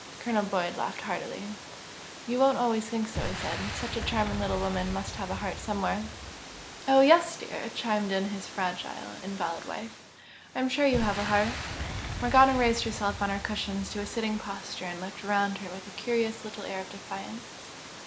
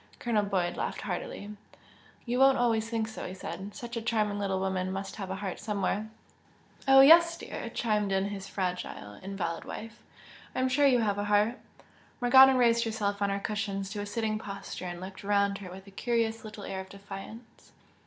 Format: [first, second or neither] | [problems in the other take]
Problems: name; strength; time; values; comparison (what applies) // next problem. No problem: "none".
second | background sound (Boom + Water); 10 dB below the speech